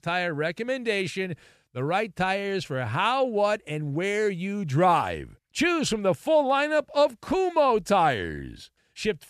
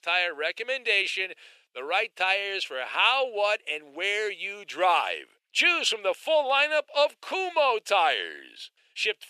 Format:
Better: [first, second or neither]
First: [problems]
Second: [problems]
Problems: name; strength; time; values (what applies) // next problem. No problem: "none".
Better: first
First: none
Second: thin; very; fading below 450 Hz